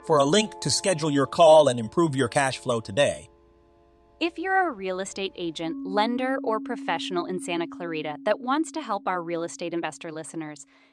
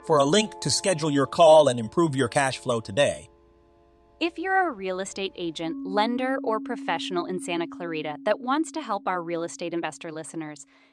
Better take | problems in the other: neither | background music; noticeable; throughout; 15 dB below the speech; the same in both

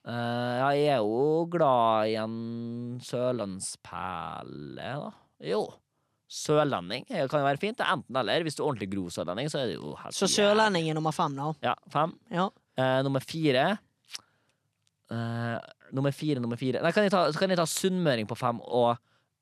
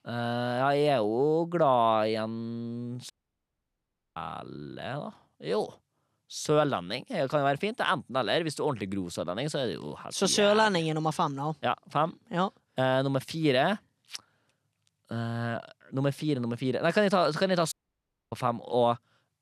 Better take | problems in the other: first | audio cutting out; at 3 s for 1 s and at 18 s for 0.5 s

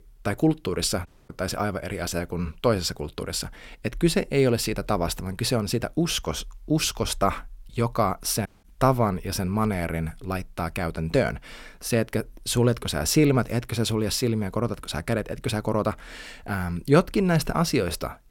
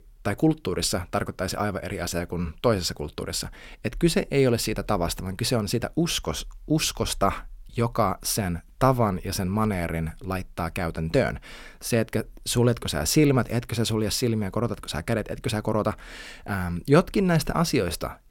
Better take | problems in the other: second | audio cutting out; at 1 s and at 8.5 s

